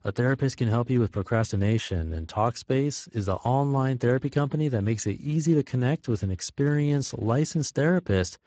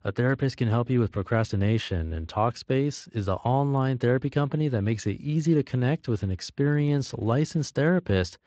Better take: second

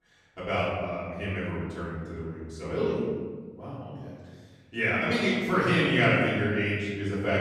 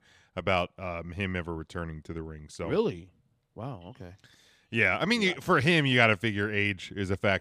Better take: second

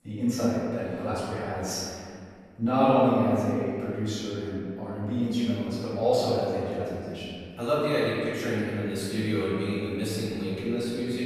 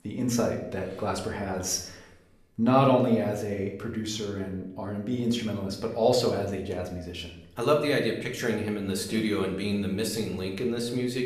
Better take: second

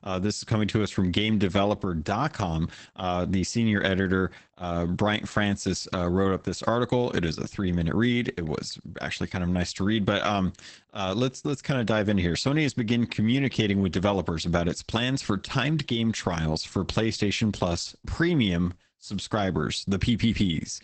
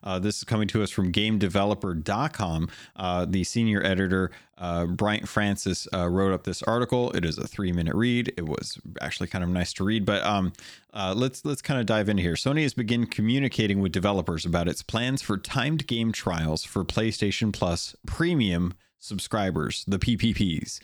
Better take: second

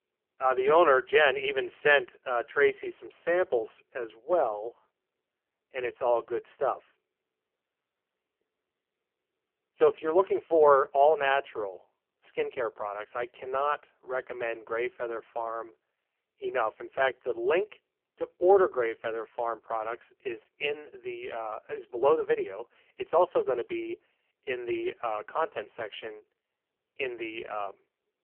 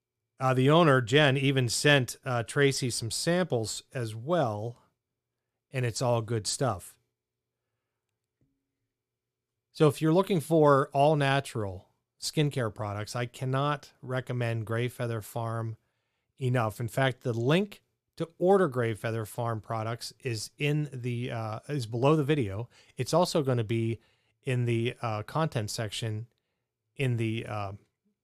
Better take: second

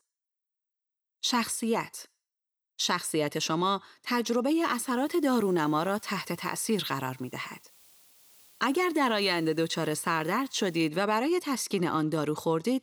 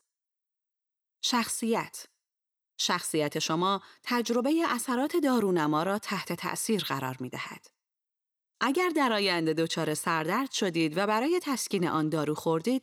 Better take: second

